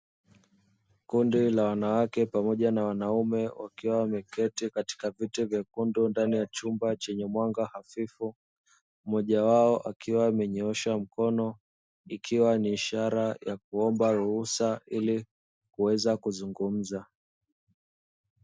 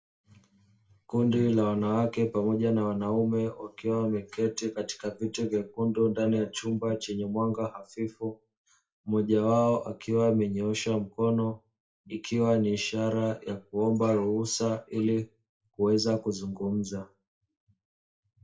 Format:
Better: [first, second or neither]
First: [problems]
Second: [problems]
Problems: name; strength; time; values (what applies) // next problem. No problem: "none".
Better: first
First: none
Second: room echo; dies away in 0.2 s